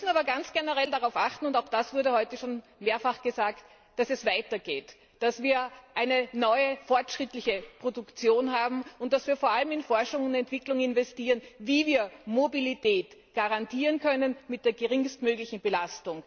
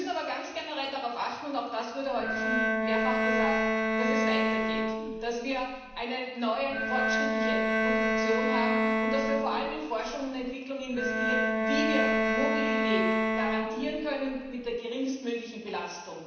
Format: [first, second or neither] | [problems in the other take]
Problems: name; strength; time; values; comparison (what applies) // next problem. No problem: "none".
first | background sound (Bowed string instrument); 5 dB above the speech // room echo; dies away in 1.1 s